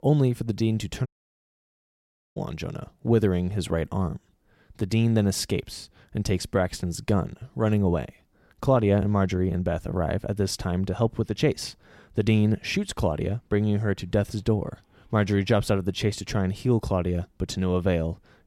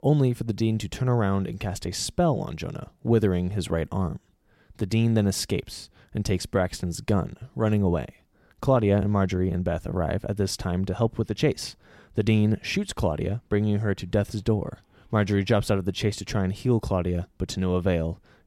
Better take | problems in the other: second | audio cutting out; at 1 s for 1.5 s

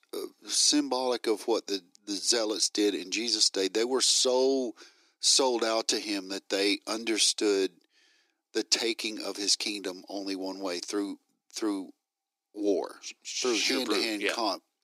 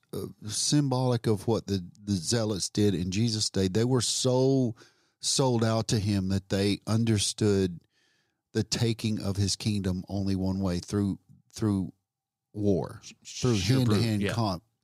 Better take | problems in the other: second | thin; somewhat; fading below 300 Hz

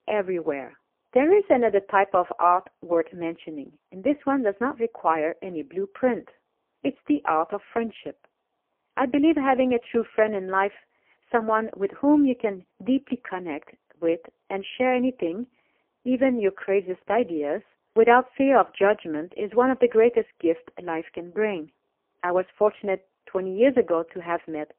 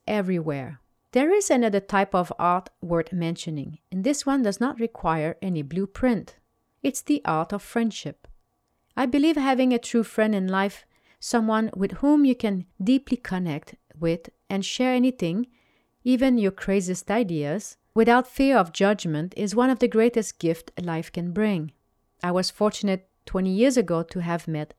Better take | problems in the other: second | phone-call audio; poor line; nothing above 3 kHz

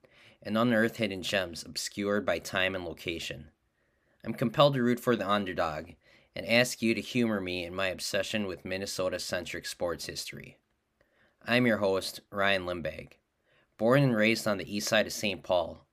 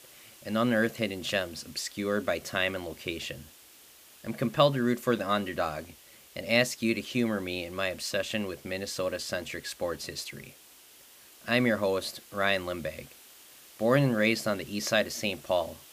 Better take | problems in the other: first | hiss; faint; throughout; 20 dB below the speech

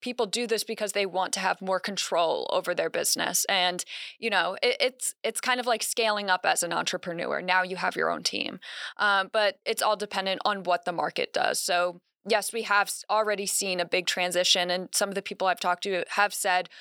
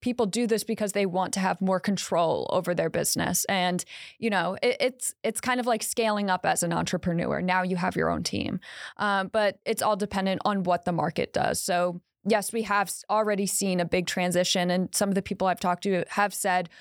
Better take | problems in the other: second | thin; somewhat; fading below 350 Hz

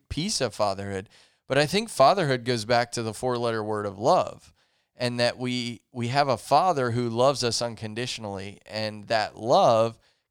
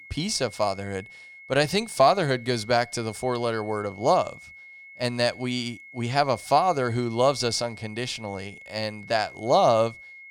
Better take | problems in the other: first | high-pitched whine; noticeable; throughout; 2 kHz, 20 dB below the speech

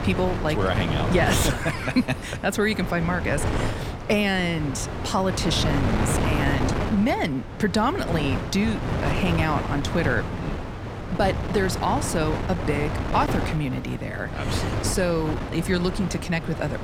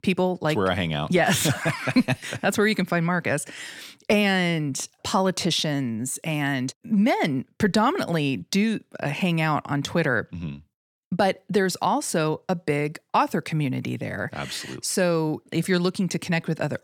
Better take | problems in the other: second | wind noise on the microphone; heavy; 5 dB below the speech

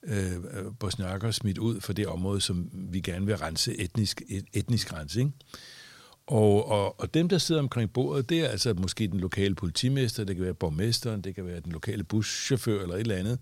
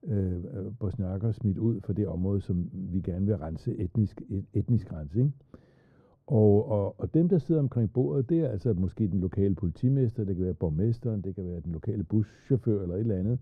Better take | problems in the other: first | muffled; very; fading above 1.5 kHz

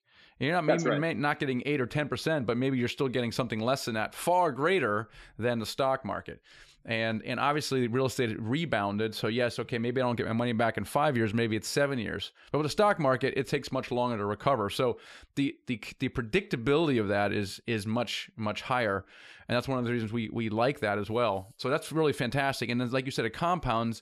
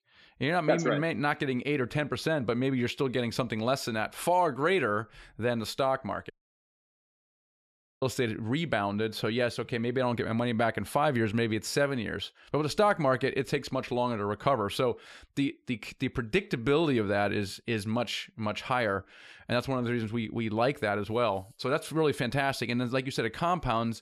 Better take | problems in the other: first | audio cutting out; at 6.5 s for 1.5 s

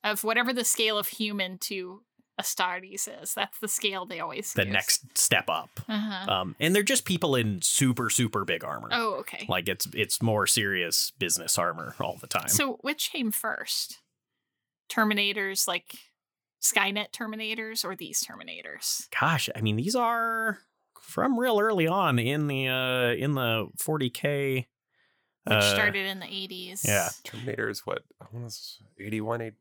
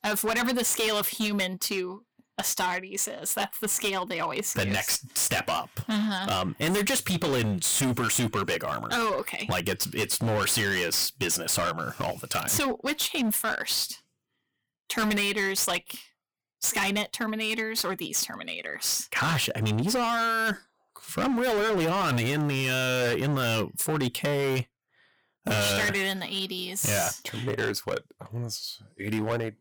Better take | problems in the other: first | distortion; heavy; 20% of the sound clipped

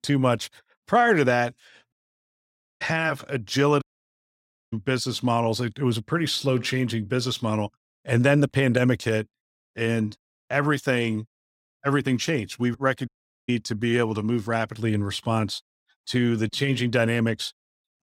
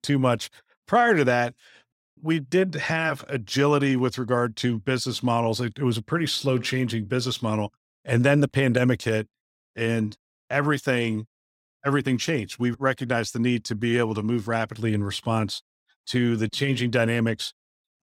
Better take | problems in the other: second | audio cutting out; at 2 s for 0.5 s, at 4 s for 1 s and at 13 s

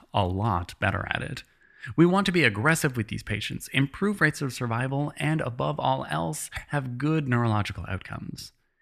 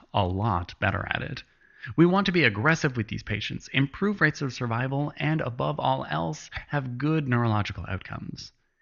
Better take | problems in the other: first | garbled, watery; slightly; nothing above 6.5 kHz

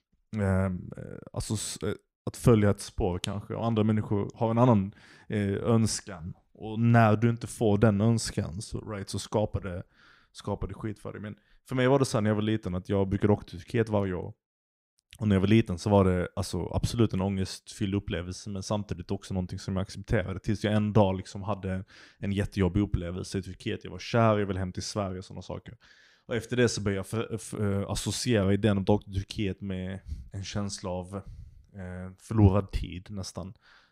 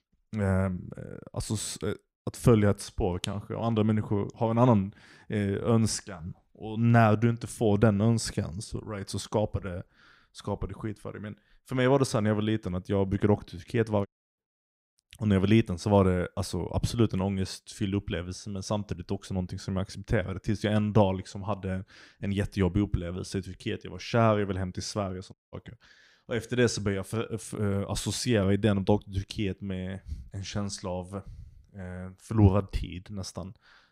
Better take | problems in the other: first | audio cutting out; at 14 s and at 25 s

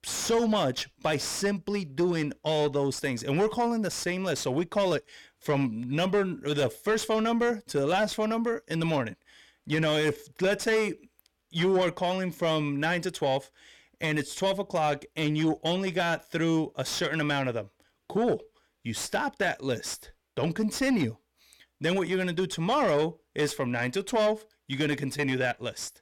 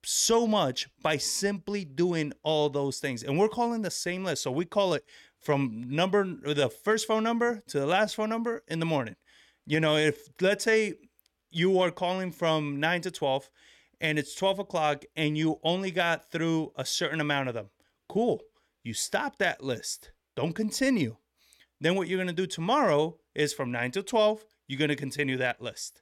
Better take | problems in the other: second | distortion; slight; 10 dB below the speech

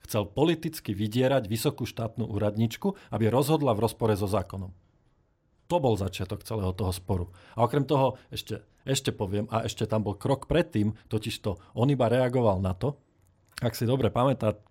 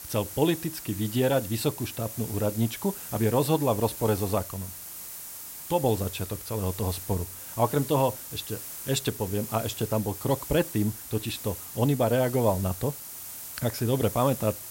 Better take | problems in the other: first | hiss; loud; throughout; 9 dB below the speech

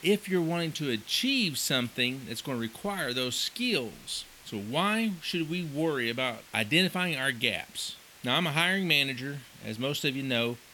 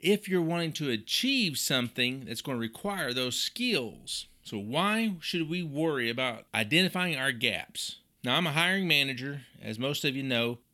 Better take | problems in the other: second | hiss; faint; throughout; 20 dB below the speech

